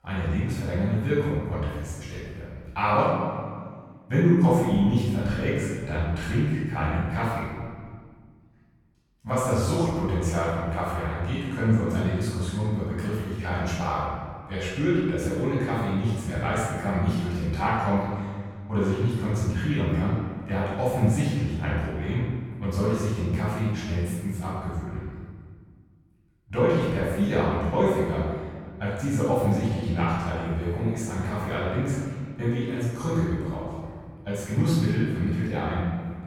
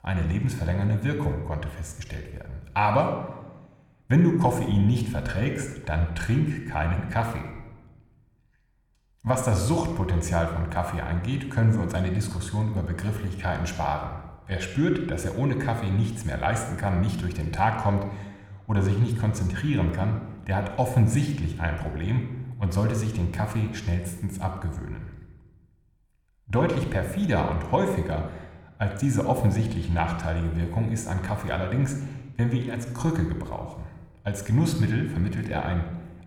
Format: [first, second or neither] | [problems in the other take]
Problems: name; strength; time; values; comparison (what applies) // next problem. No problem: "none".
second | room echo; strong; dies away in 1.6 s; slight in the second // off-mic speech; far